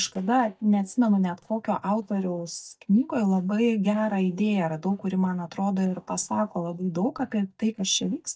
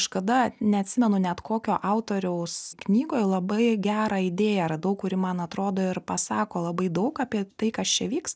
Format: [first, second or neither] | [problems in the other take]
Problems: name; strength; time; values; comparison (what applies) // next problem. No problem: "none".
second | noise reduction (neural mask model DeepFilterNet 3)